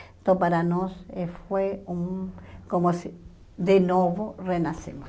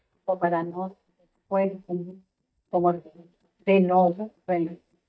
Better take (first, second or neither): first